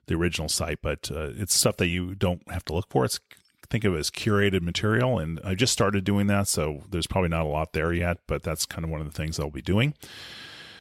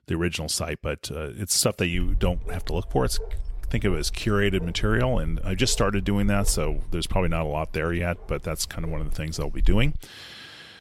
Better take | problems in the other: first | dog barking; noticeable; from 2 to 10 s; peak 3 dB below the speech

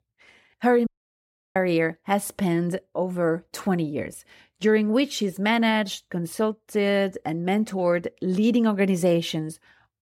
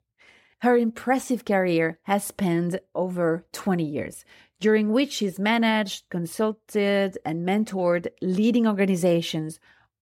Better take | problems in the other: second | audio cutting out; at 1 s for 0.5 s

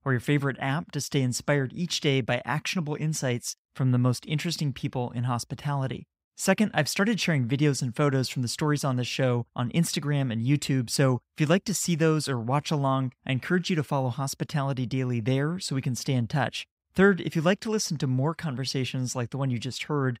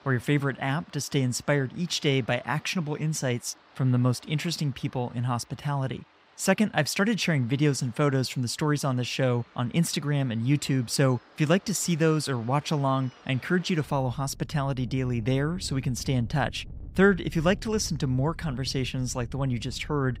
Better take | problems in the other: first | rain or running water; faint; throughout; 20 dB below the speech

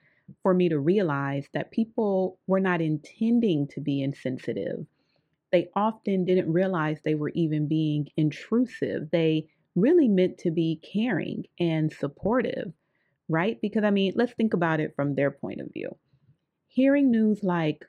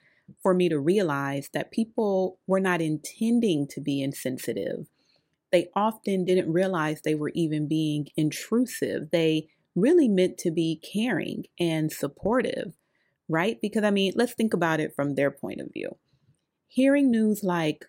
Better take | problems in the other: second | muffled; slightly; fading above 3 kHz

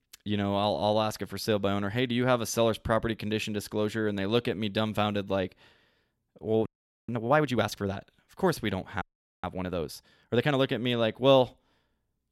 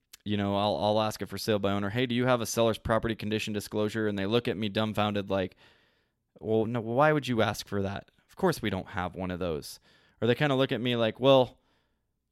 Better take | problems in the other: second | audio freezing; at 6.5 s and at 9 s

